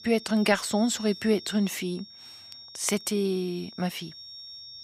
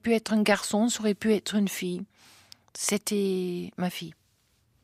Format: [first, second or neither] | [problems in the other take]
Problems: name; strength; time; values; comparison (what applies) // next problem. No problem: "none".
second | high-pitched whine; noticeable; throughout; 5.5 kHz, 15 dB below the speech